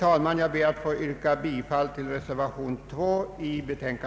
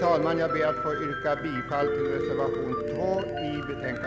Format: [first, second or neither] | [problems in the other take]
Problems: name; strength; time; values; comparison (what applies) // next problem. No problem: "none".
first | background sound (Piano); 1 dB below the speech